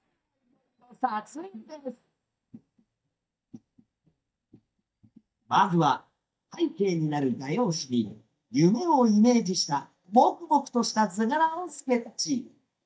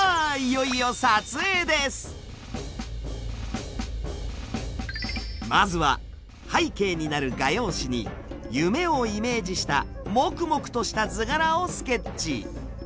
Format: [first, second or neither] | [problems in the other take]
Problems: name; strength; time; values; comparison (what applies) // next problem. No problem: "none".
second | noise reduction (neural mask model DeepFilterNet 3)